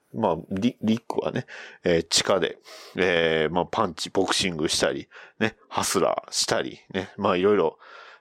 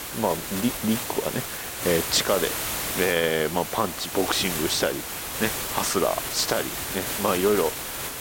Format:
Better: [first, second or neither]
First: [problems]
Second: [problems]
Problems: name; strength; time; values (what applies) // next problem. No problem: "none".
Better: first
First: none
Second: hiss; loud; throughout; 3 dB below the speech